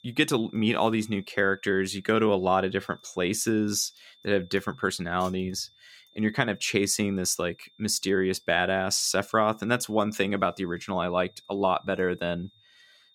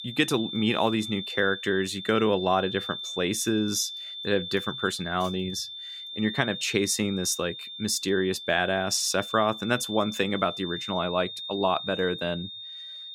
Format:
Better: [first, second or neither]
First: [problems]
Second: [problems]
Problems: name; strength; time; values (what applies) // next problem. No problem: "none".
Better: first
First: high-pitched whine; faint; throughout; 3.5 kHz, 30 dB below the speech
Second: high-pitched whine; loud; throughout; 3.5 kHz, 8 dB below the speech